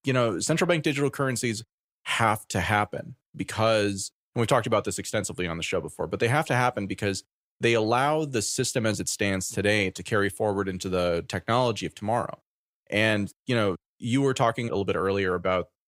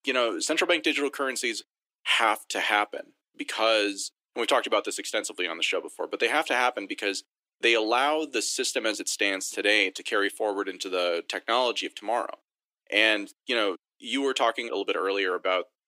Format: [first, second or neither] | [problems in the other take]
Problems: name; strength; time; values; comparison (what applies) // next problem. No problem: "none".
first | thin; somewhat; fading below 300 Hz